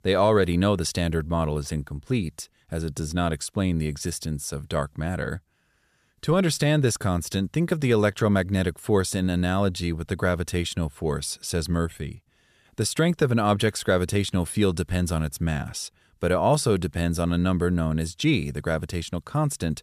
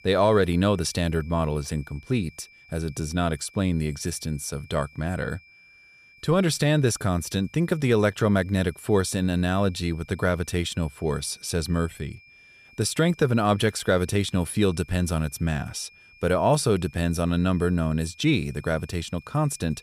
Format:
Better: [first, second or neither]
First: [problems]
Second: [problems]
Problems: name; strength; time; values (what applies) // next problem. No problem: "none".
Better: first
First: none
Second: high-pitched whine; faint; throughout; 2.5 kHz, 25 dB below the speech